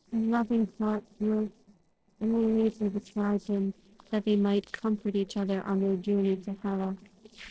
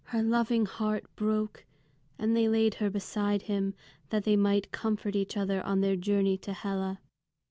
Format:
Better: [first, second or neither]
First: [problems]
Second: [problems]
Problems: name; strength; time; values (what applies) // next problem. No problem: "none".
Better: second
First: noise reduction (neural separator model SepFormer DNS4)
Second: none